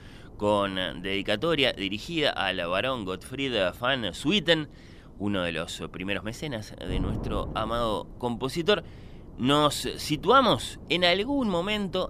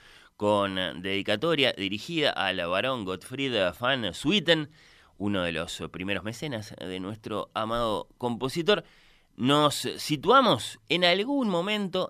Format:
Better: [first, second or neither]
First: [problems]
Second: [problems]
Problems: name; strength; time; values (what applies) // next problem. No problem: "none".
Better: second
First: wind noise on the microphone; occasional gusts; 25 dB below the speech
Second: none